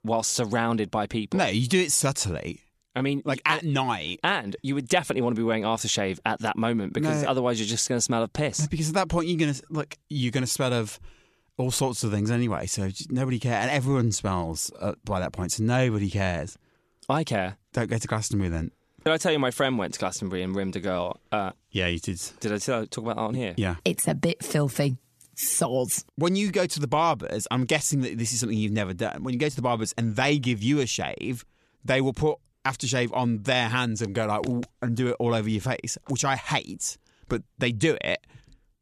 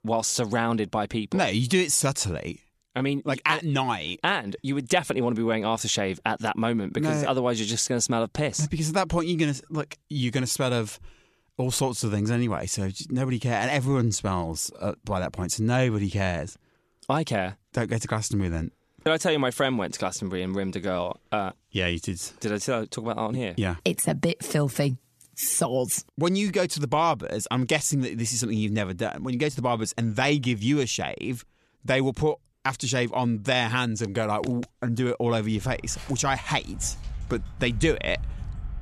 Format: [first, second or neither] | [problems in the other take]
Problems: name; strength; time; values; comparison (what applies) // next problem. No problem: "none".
first | footsteps; noticeable; from 36 s on; peak 10 dB below the speech